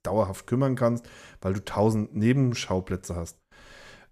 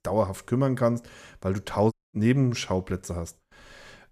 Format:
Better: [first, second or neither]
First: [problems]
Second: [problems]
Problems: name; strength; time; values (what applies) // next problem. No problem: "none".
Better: first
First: none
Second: audio cutting out; at 2 s